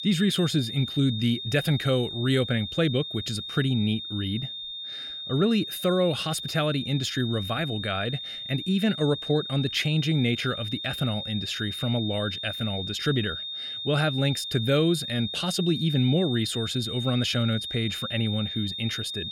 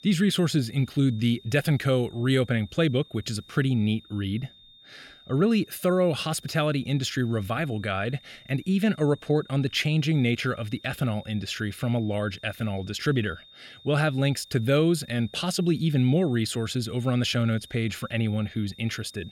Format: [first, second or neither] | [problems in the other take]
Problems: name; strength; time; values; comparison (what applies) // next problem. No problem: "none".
second | high-pitched whine; loud; throughout; 3.5 kHz, 6 dB below the speech; faint in the second